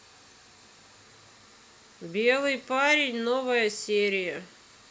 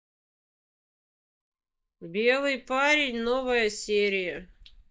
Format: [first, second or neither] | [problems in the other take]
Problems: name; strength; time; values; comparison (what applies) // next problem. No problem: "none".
first | noise reduction (neural mask model DeepFilterNet 3)